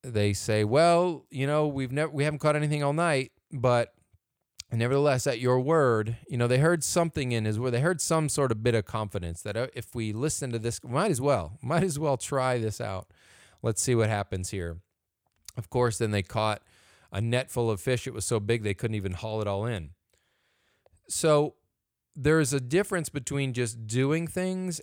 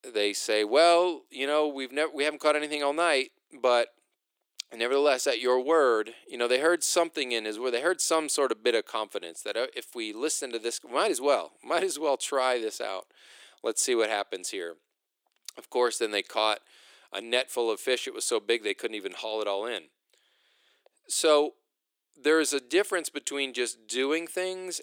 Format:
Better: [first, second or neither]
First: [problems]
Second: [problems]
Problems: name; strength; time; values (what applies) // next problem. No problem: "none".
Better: first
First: none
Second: thin; somewhat; fading below 300 Hz